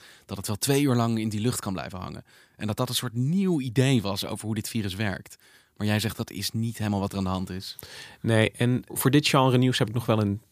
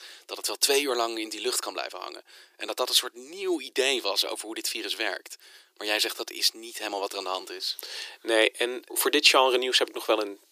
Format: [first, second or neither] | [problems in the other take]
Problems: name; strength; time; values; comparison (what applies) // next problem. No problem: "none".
first | thin; very; fading below 350 Hz